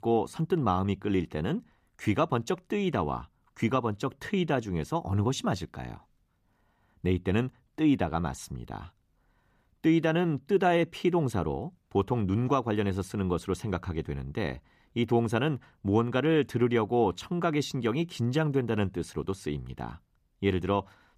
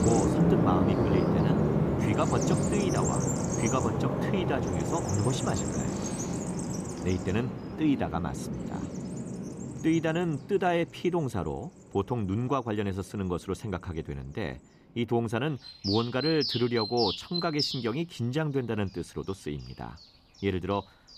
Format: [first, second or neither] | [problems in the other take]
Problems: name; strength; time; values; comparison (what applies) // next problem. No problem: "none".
first | animal sounds; very loud; throughout; 1 dB above the speech